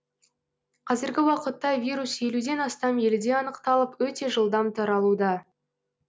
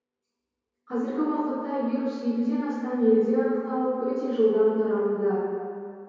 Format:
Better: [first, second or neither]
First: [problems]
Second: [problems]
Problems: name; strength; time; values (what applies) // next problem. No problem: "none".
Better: first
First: none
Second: room echo; dies away in 2.2 s